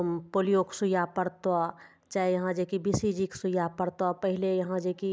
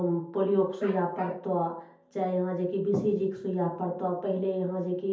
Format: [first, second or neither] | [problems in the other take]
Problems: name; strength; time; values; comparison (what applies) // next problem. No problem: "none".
first | background sound (Bark); 16 dB below the speech // room echo; dies away in 0.5 s